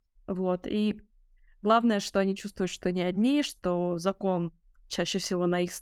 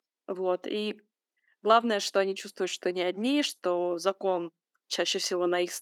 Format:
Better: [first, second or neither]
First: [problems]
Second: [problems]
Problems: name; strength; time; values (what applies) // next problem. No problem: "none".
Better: first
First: none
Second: thin; somewhat; fading below 300 Hz